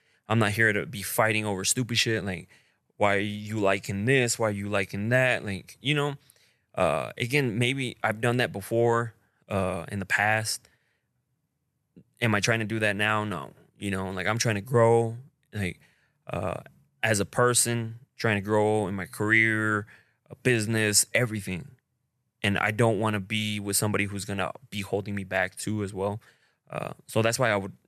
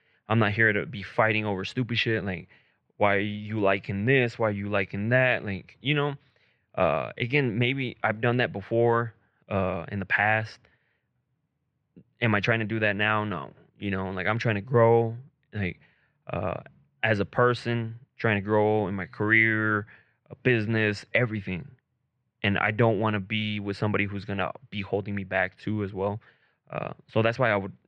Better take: first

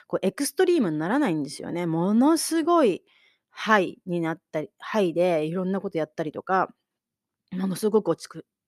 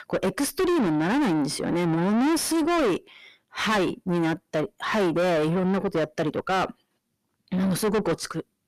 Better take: first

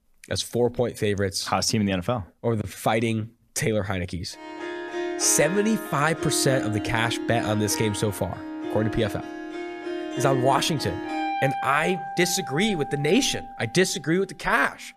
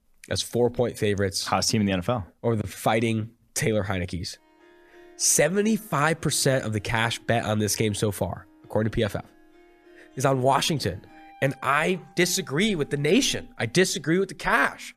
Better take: second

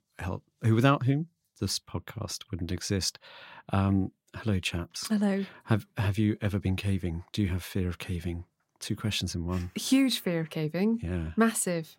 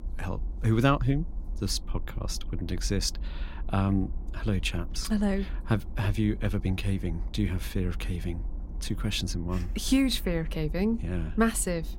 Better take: first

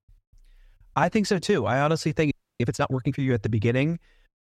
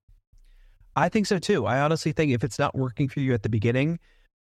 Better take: second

